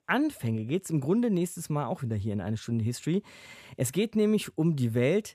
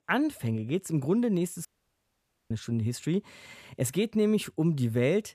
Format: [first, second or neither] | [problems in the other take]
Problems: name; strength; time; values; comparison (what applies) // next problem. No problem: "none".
first | audio cutting out; at 1.5 s for 1 s